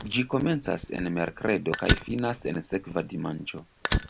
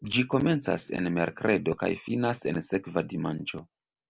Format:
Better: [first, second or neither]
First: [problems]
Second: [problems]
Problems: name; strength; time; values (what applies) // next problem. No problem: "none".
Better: second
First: background sound (Fire); 4 dB below the speech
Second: none